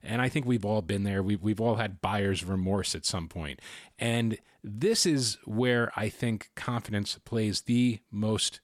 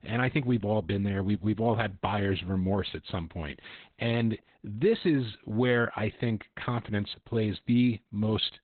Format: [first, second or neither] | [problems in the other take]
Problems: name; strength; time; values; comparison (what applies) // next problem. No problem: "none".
first | garbled, watery; badly; nothing above 4 kHz